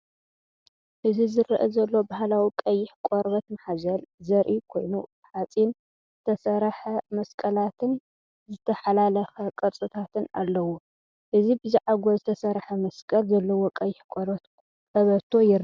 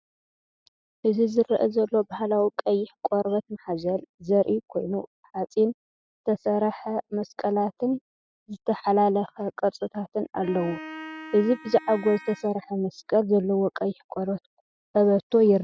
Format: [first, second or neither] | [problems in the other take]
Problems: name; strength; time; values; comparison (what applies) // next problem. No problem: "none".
first | noise reduction (classical method spectral subtraction)